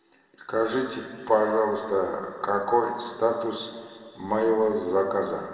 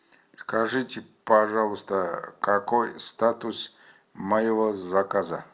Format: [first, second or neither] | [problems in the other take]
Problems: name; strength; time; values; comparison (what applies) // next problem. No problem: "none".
second | room echo; dies away in 1.8 s